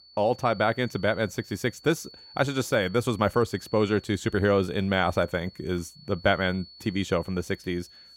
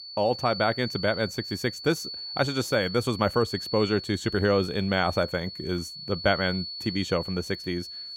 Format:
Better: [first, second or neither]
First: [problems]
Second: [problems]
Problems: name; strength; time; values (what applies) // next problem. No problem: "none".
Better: first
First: high-pitched whine; faint; throughout; 4.5 kHz, 20 dB below the speech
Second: high-pitched whine; loud; throughout; 4.5 kHz, 8 dB below the speech